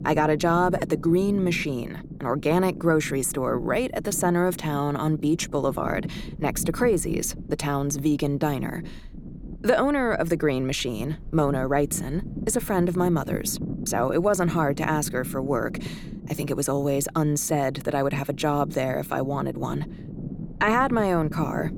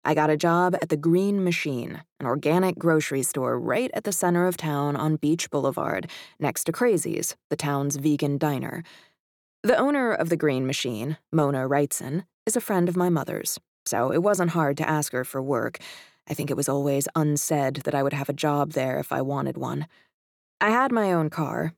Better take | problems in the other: second | low rumble; noticeable; throughout; 20 dB below the speech

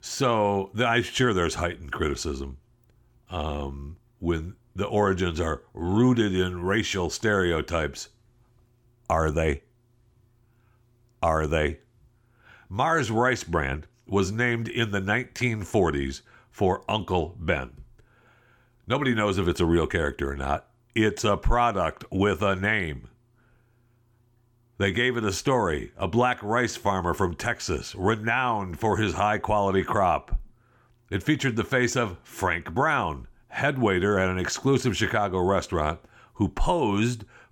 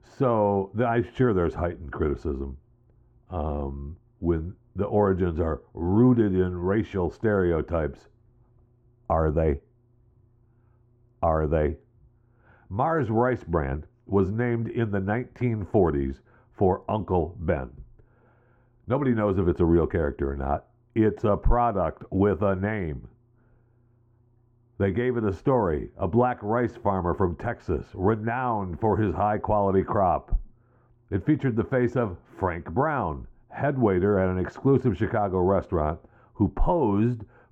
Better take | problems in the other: first | muffled; very; fading above 2 kHz

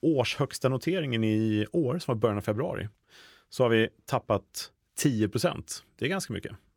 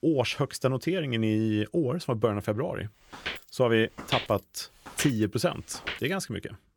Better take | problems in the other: first | footsteps; noticeable; from 3 to 6 s; peak 3 dB below the speech

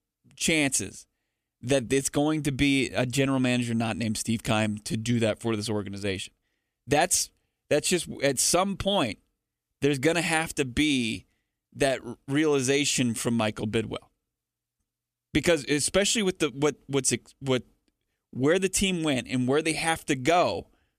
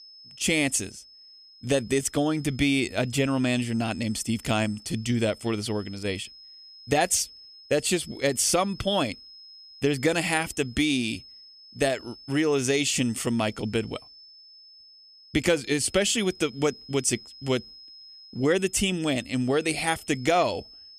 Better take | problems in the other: first | high-pitched whine; faint; throughout; 5 kHz, 20 dB below the speech

